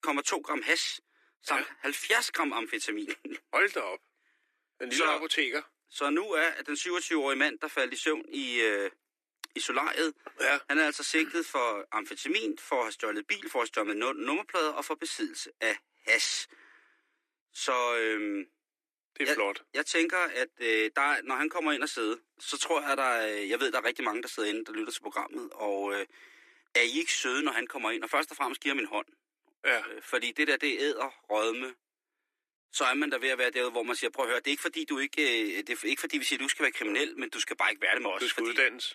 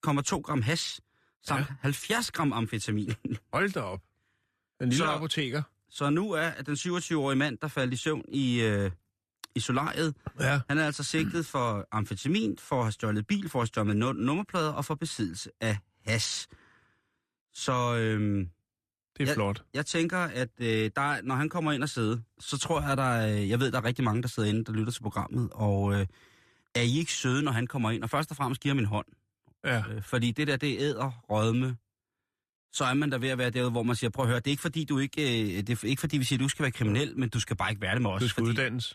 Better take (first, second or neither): second